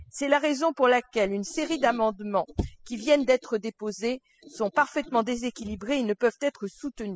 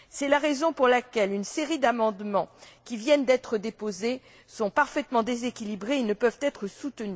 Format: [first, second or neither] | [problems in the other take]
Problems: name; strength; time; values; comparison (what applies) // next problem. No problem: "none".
second | noise reduction (classical method spectral subtraction)